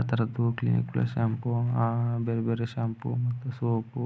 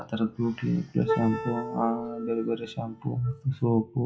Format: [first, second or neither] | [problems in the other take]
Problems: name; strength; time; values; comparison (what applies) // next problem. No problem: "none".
first | noise reduction (classical method WPE with log-MMSE)